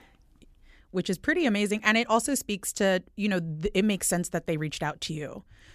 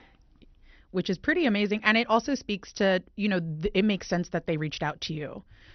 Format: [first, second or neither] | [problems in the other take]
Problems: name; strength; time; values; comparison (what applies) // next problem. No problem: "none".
first | garbled, watery; slightly; nothing above 6 kHz